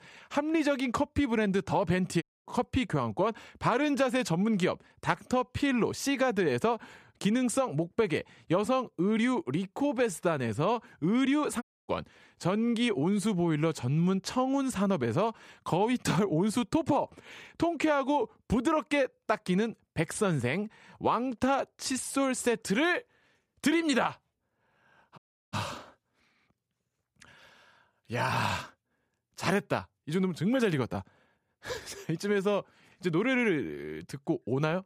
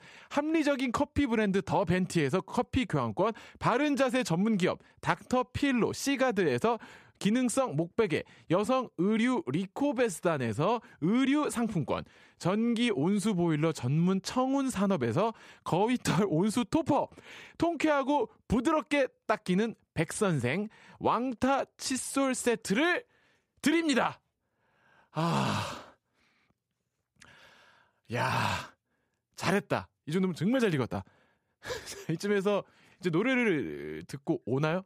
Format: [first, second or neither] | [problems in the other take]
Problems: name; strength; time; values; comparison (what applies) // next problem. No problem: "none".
second | audio cutting out; at 2 s, at 12 s and at 25 s